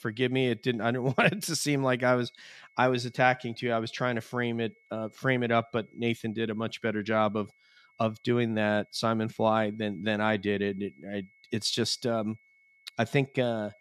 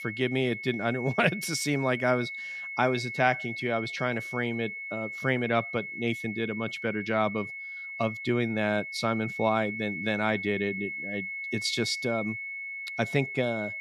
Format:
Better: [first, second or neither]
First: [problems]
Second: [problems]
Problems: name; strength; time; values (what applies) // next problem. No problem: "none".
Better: first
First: high-pitched whine; faint; throughout; 2 kHz, 35 dB below the speech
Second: high-pitched whine; loud; throughout; 2 kHz, 6 dB below the speech